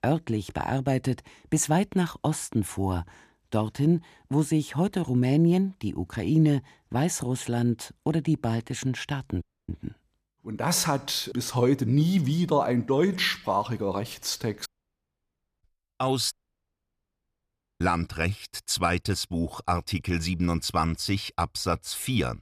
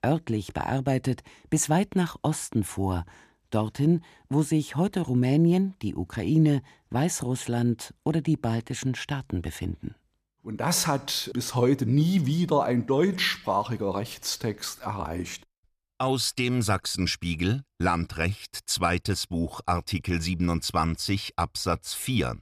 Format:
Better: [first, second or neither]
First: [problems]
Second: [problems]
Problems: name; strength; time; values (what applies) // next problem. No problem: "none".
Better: second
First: audio cutting out; at 9.5 s, at 15 s for 1 s and at 16 s for 1.5 s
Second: none